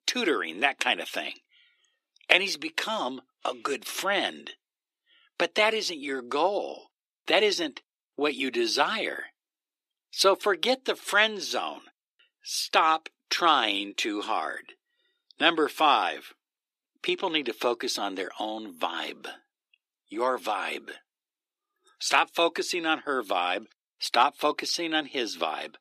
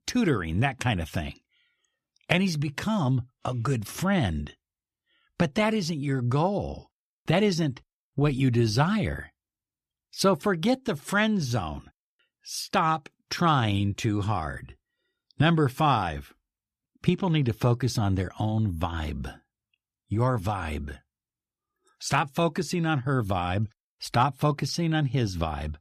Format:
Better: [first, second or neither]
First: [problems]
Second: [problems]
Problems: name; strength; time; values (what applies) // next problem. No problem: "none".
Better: second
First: thin; very; fading below 300 Hz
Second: none